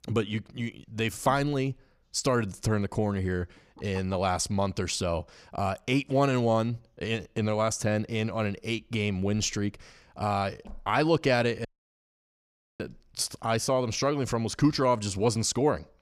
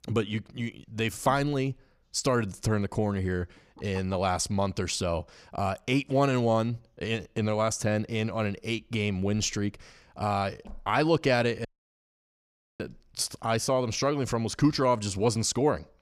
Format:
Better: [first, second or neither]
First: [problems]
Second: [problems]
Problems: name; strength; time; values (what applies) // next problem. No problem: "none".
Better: neither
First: audio cutting out; at 12 s for 1 s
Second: audio cutting out; at 12 s for 1 s